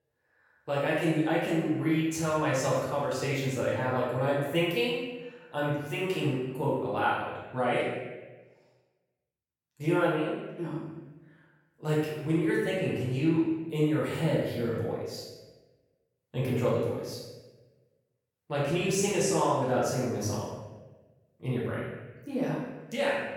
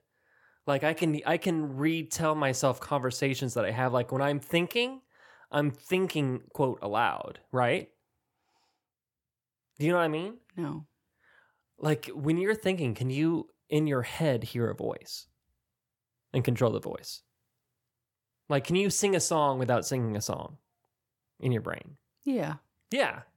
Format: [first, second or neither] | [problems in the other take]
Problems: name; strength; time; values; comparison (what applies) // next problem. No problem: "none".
second | room echo; strong; dies away in 1 s // off-mic speech; far